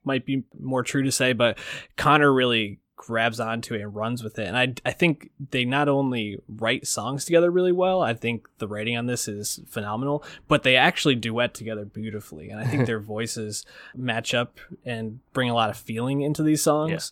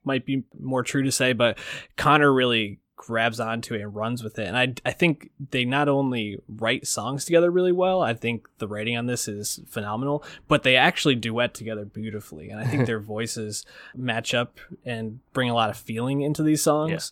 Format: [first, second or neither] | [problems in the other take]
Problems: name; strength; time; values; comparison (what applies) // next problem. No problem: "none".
neither | none